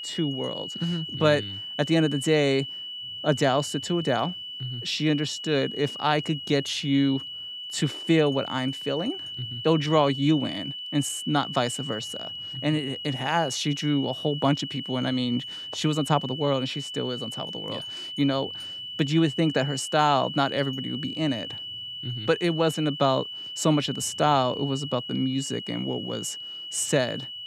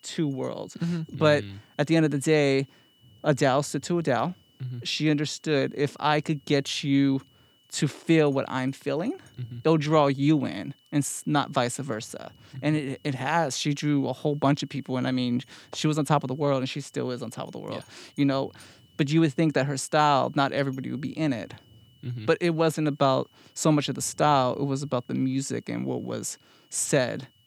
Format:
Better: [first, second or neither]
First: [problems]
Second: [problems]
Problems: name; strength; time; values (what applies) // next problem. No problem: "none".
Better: second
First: high-pitched whine; loud; throughout; 3 kHz, 8 dB below the speech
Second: high-pitched whine; faint; throughout; 3 kHz, 35 dB below the speech